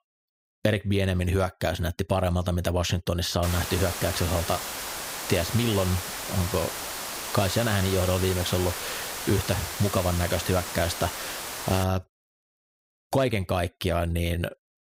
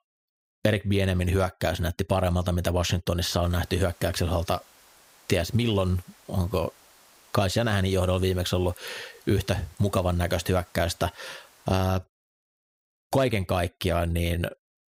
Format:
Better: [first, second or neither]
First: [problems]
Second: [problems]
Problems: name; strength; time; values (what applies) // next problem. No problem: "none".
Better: second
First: hiss; loud; from 3.5 to 12 s; 5 dB below the speech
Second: hiss; faint; from 3.5 to 12 s; 25 dB below the speech